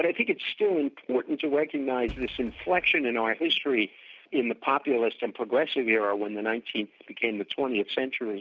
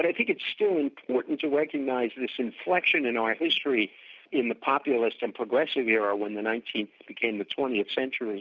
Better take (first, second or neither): second